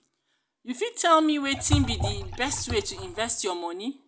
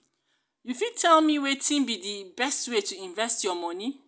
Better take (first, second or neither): second